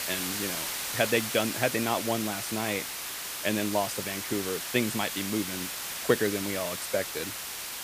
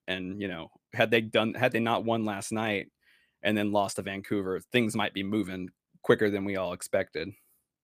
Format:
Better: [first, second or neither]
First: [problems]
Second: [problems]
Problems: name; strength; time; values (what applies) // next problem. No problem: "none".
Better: second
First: hiss; loud; throughout; 2 dB below the speech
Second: none